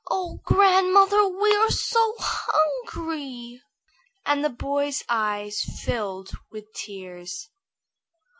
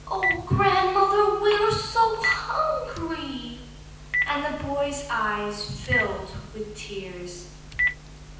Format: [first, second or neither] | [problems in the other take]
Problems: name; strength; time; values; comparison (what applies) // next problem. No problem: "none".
first | background sound (Telephone); 6 dB below the speech // room echo; dies away in 0.9 s